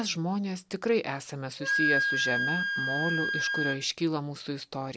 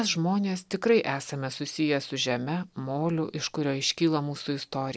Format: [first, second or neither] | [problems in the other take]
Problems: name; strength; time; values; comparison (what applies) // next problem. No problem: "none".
second | background sound (Wind instrument, woodwind instrument); as loud as the speech